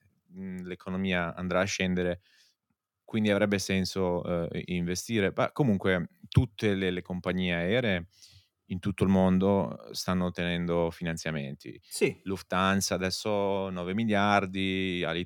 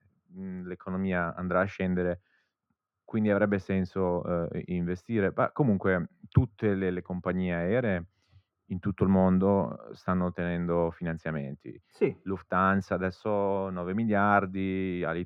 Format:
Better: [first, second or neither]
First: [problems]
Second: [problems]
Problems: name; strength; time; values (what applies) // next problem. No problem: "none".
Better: first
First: none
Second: muffled; very; fading above 3 kHz